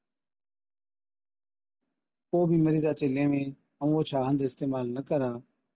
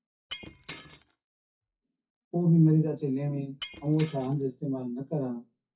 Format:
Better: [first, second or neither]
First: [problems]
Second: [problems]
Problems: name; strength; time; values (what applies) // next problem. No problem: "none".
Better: first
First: none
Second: noise reduction (classical method WPE with log-MMSE)